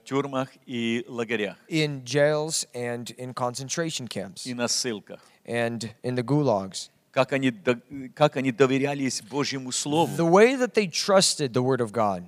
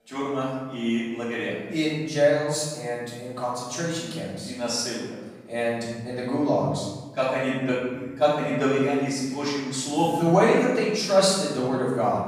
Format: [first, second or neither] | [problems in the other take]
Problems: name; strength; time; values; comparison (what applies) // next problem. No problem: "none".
first | room echo; noticeable; dies away in 1.1 s // off-mic speech; far